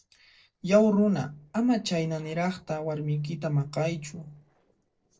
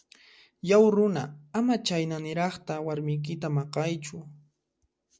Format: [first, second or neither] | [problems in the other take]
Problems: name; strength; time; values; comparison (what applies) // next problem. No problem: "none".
second | noise reduction (neural separator model SepFormer DNS4)